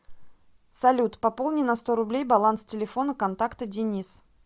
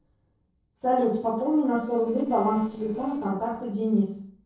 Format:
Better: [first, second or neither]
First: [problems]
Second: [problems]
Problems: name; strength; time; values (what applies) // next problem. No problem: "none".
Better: first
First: none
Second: noise reduction (neural separator model SepFormer DNS4)